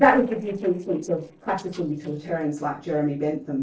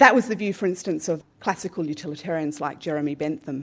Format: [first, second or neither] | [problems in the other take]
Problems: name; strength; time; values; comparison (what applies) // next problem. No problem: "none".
second | noise reduction (neural separator model SepFormer DNS4)